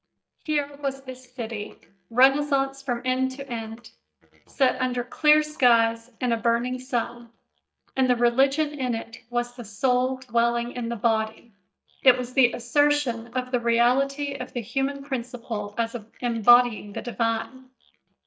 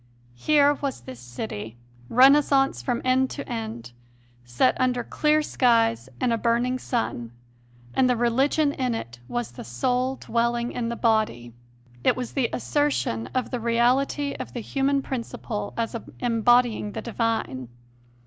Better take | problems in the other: second | noise reduction (neural mask model DeepFilterNet 3)

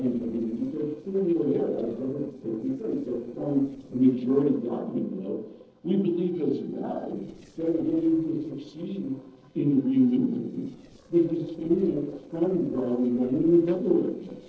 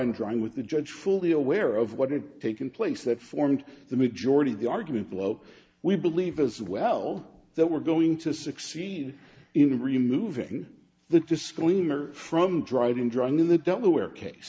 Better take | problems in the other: second | noise reduction (neural separator model SepFormer DNS4)

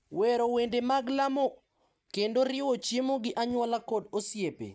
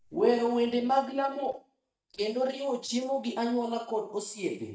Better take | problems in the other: first | noise reduction (neural mask model DeepFilterNet 3)

